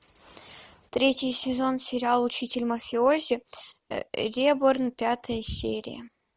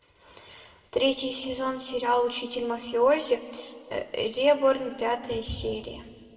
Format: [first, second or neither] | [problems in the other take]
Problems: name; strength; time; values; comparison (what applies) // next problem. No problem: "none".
first | room echo; dies away in 1.8 s